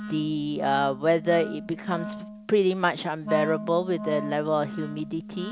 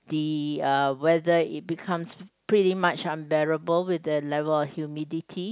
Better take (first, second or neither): second